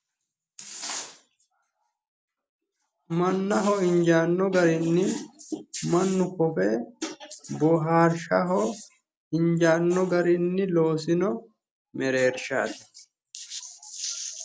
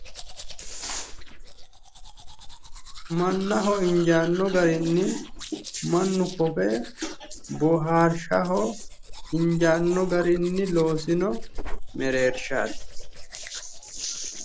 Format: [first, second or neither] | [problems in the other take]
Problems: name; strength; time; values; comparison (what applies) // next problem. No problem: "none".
first | background sound (Domestic sounds, home sounds); 8 dB below the speech